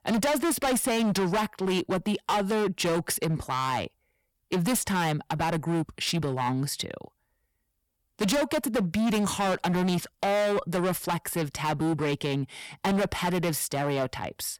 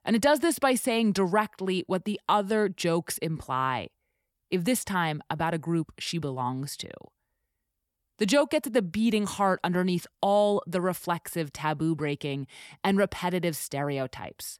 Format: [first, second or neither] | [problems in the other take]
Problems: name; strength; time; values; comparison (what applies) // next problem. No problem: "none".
second | distortion; heavy; 20% of the sound clipped